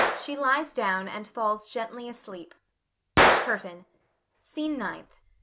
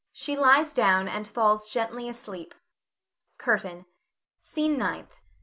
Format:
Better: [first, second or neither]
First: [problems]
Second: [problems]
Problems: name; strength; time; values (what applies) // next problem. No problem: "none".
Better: second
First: background sound (Gunshot, gunfire); 2 dB above the speech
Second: none